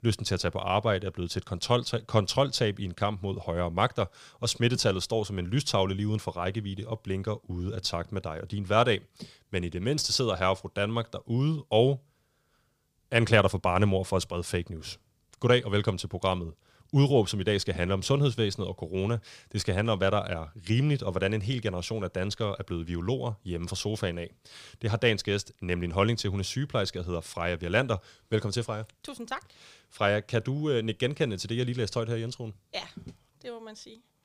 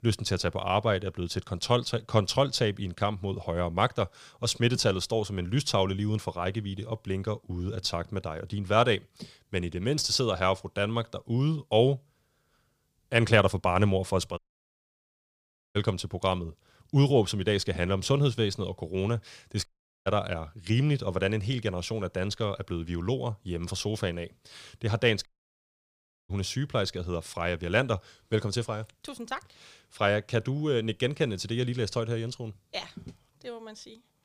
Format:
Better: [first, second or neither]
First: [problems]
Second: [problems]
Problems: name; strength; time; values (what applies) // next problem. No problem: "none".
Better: first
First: none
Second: audio cutting out; at 14 s for 1.5 s, at 20 s and at 25 s for 1 s